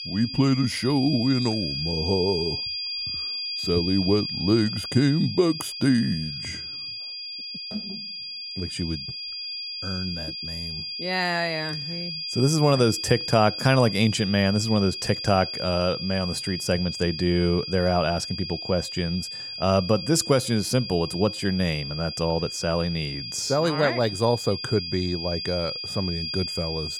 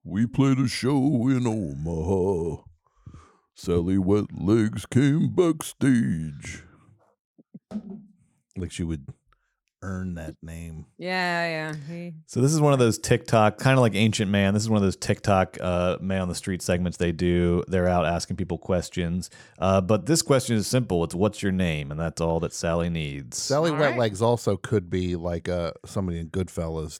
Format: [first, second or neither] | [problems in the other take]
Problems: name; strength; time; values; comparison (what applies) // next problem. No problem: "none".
second | high-pitched whine; loud; throughout; 5 kHz, 6 dB below the speech